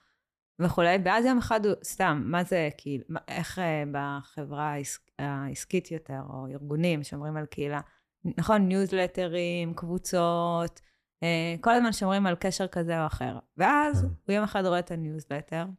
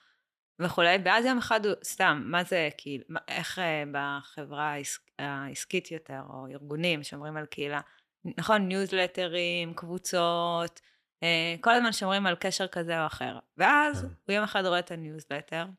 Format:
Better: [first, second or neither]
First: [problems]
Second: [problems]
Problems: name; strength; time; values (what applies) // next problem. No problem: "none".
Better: first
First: none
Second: thin; very slightly; fading below 600 Hz